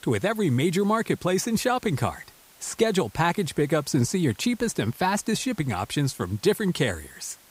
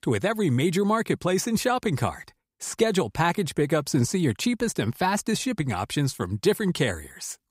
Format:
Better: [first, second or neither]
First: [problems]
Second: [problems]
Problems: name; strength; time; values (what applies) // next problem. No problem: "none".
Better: second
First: hiss; faint; throughout; 25 dB below the speech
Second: none